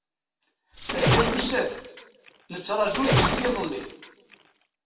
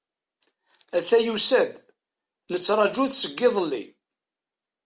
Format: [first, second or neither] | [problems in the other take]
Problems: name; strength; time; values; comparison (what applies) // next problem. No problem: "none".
second | background sound (Splash, splatter); 3 dB above the speech // room echo; dies away in 0.7 s